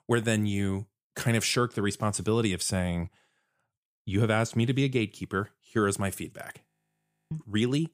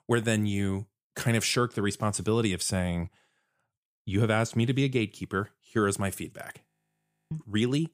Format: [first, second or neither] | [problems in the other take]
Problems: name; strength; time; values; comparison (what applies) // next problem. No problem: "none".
neither | audio freezing; at 6.5 s for 0.5 s; the same in both